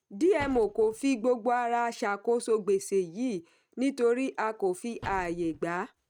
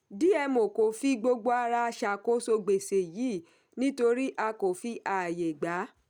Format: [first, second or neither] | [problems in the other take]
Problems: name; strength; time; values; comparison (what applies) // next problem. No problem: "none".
second | noise reduction (neural mask model RNNoise)